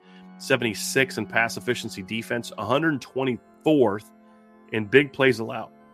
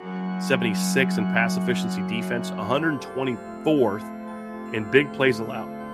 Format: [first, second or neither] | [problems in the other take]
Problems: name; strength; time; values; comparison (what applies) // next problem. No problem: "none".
first | background music; loud; throughout; 5 dB below the speech; faint in the first